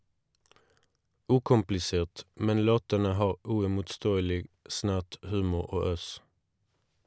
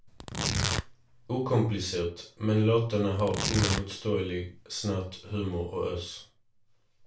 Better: first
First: none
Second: background sound (Tearing); 4 dB below the speech // room echo; dies away in 0.3 s

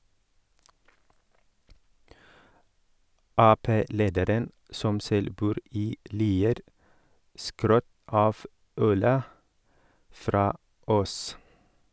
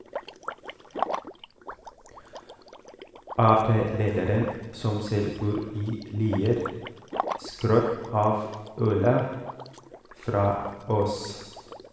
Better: first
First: none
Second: background sound (Liquid); 12 dB below the speech // room echo; dies away in 1.1 s

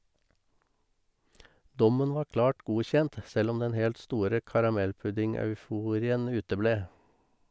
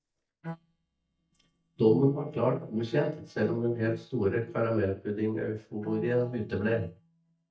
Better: first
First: none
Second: noise reduction (neural mask model DeepFilterNet 3)

